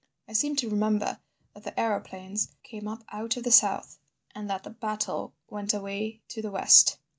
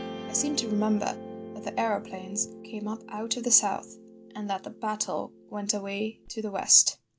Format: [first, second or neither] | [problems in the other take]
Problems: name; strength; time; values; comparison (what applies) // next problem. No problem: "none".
first | background sound (Guitar); 13 dB below the speech